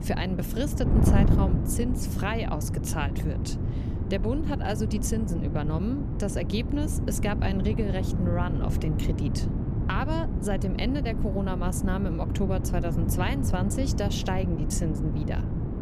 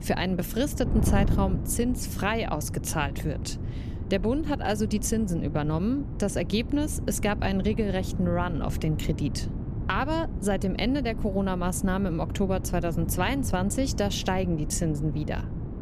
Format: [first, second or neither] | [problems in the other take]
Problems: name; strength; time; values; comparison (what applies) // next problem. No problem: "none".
second | wind noise on the microphone; heavy; 5 dB below the speech; occasional gusts in the second